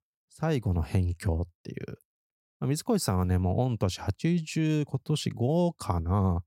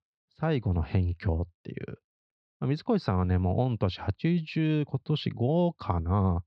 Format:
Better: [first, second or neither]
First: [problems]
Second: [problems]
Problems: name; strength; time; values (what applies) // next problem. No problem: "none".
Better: first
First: none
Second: muffled; slightly; fading above 4 kHz